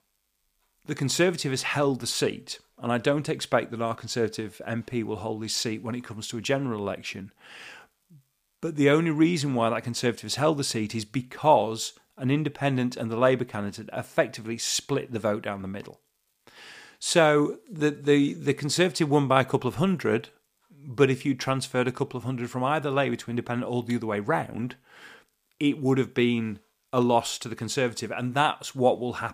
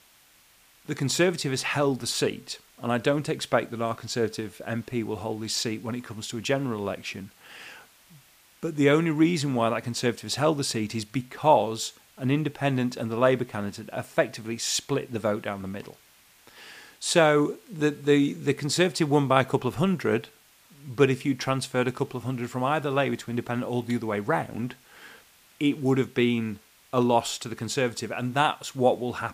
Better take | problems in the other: first | hiss; faint; throughout; 30 dB below the speech

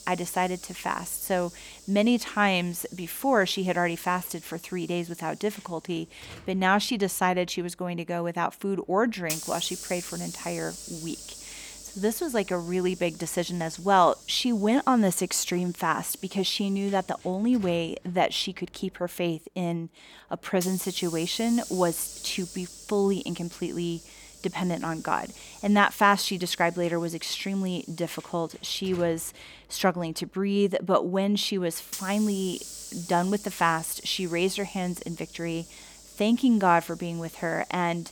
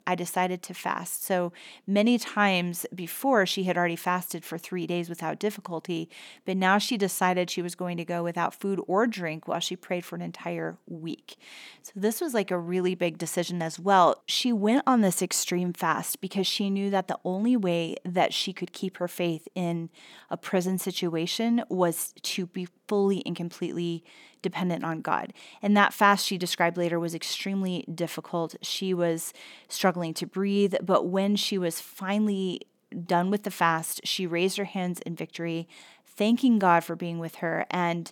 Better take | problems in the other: second | hiss; noticeable; throughout; 15 dB below the speech

